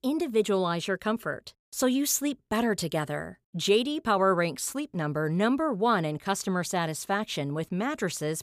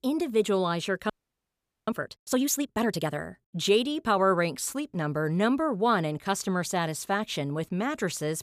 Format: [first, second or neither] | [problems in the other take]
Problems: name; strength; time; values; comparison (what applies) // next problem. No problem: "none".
first | audio freezing; at 1 s for 1 s